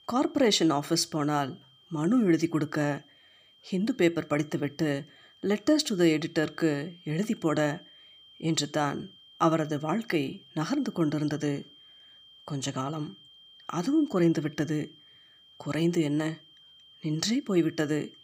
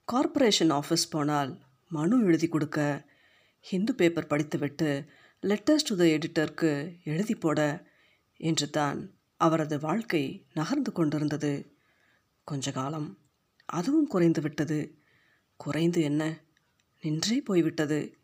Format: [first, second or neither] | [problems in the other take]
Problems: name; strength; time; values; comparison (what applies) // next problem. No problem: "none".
second | high-pitched whine; faint; throughout; 3 kHz, 25 dB below the speech